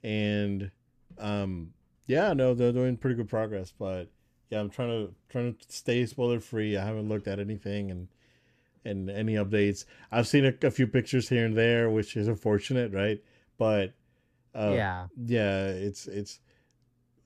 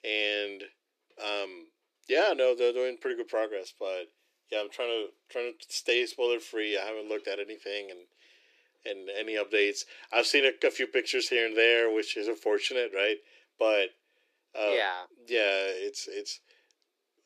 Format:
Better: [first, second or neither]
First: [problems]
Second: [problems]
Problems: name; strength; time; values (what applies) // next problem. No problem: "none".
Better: first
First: none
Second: thin; very; fading below 350 Hz